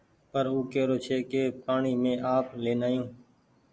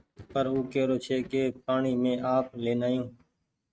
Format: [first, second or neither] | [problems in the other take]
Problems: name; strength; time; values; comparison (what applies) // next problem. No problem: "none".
first | noise reduction (neural mask model RNNoise)